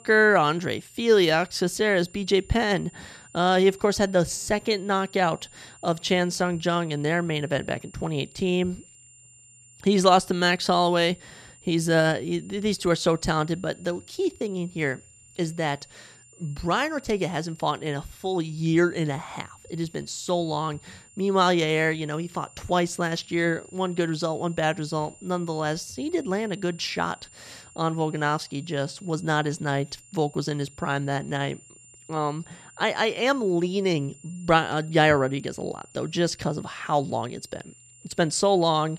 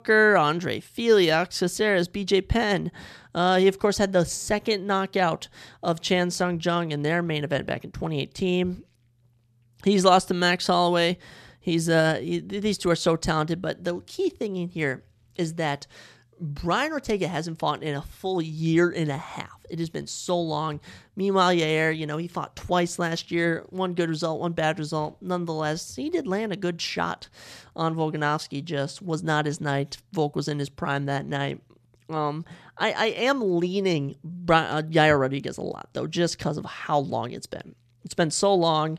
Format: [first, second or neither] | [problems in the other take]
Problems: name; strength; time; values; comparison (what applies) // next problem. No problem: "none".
second | high-pitched whine; faint; throughout; 7 kHz, 25 dB below the speech